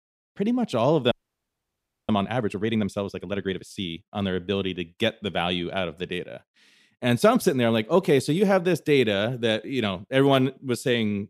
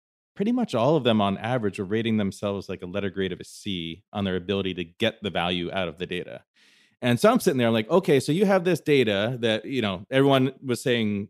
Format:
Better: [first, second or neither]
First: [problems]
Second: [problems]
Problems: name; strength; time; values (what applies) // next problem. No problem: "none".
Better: second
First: audio freezing; at 1 s for 1 s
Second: none